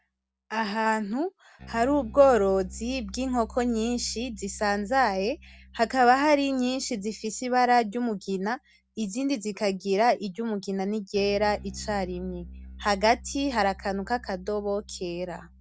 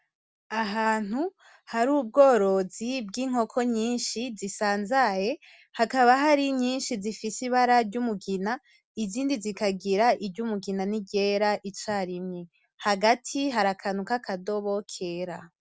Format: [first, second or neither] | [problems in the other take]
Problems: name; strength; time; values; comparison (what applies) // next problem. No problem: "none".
second | background sound (Bass guitar); 20 dB below the speech